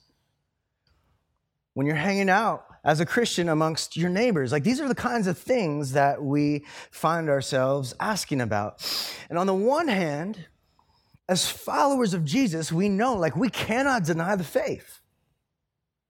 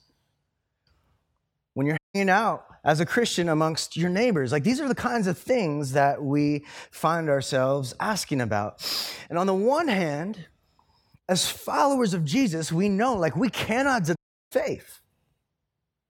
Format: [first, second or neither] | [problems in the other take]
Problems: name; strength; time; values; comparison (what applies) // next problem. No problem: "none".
first | audio cutting out; at 2 s and at 14 s